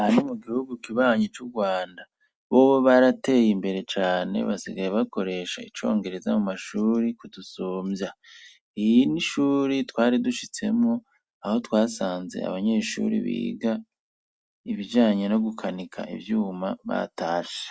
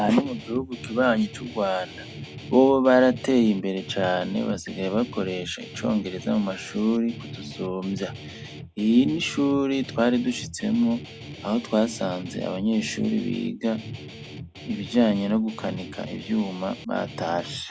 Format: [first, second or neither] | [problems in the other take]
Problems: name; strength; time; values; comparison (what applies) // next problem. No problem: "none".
first | background sound (Guitar); 14 dB below the speech